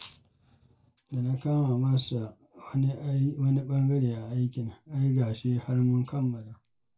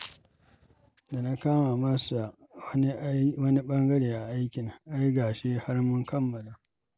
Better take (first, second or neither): second